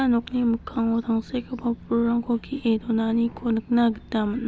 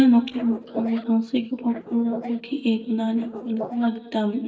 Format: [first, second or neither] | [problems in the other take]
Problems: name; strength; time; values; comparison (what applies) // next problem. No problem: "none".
first | noise reduction (neural mask model DeepFilterNet 3)